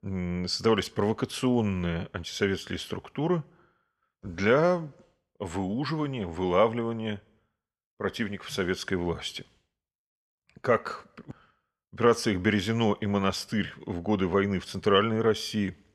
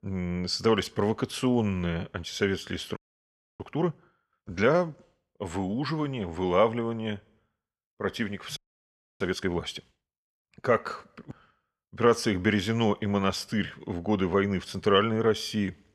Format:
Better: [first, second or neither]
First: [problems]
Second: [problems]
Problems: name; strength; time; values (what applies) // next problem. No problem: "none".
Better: first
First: none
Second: audio freezing; at 3 s for 0.5 s and at 8.5 s for 0.5 s